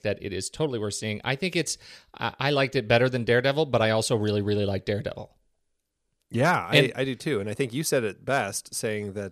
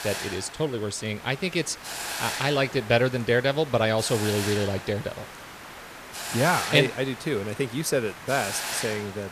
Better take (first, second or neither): first